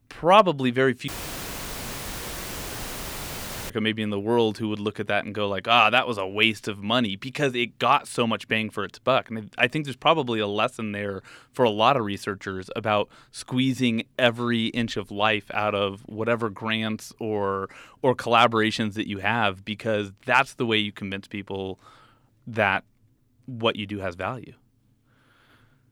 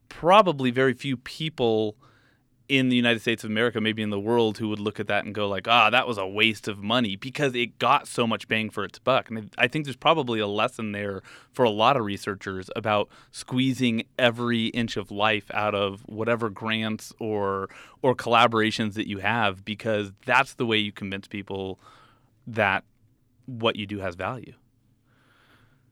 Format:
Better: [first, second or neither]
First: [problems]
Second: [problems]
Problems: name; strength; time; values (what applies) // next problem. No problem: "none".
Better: second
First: audio cutting out; filled with static; at 1 s for 2.5 s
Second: none